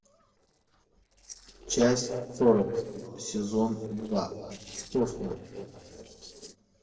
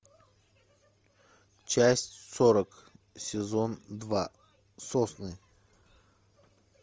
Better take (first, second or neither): second